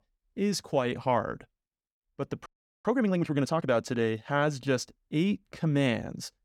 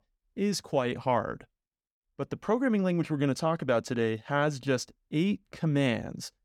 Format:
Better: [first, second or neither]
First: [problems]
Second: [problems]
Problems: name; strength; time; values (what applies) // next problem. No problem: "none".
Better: second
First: audio freezing; at 2.5 s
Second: none